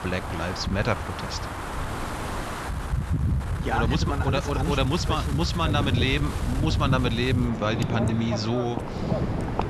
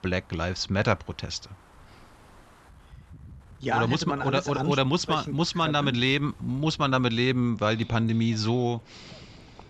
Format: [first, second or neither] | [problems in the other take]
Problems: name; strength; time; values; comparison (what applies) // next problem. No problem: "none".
second | wind in the background; loud; throughout; 2 dB below the speech; faint in the second